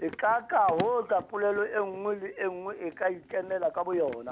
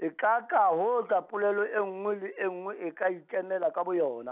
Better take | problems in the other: second | background sound (Run); 17 dB below the speech

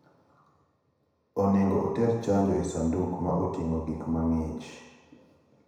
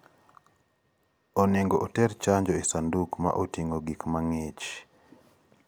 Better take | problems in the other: second | room echo; dies away in 1 s

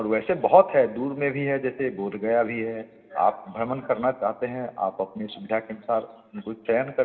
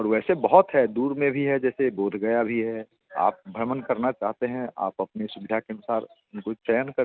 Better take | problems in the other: second | room echo; dies away in 2.7 s

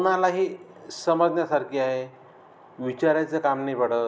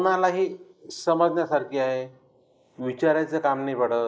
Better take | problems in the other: first | noise reduction (neural mask model Resemble Enhance denoiser)

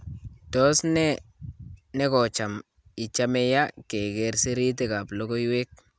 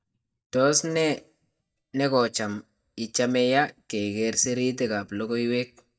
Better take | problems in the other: first | noise reduction (neural mask model DeepFilterNet 3)

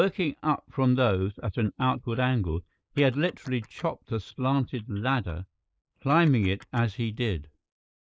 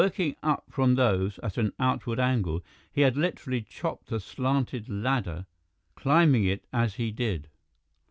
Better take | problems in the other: second | noise reduction (neural mask model Resemble Enhance denoiser)

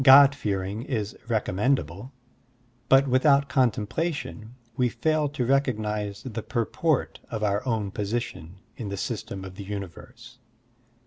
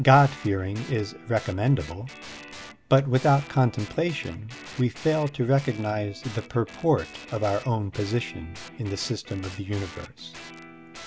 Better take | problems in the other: first | background sound (Guitar); 17 dB below the speech

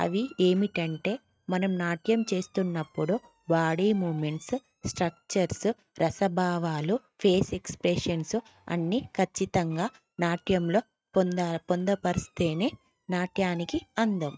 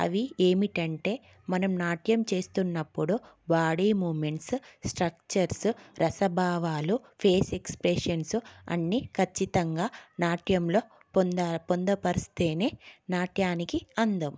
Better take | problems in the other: second | noise reduction (neural mask model RNNoise)

